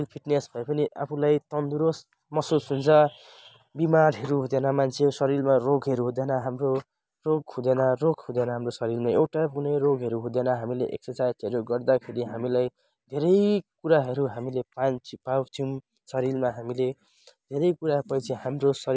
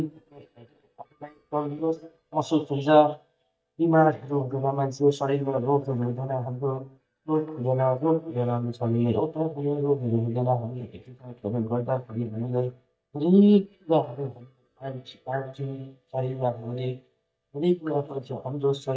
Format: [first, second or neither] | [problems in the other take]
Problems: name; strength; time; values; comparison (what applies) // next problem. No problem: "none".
first | noise reduction (neural mask model DeepFilterNet 3)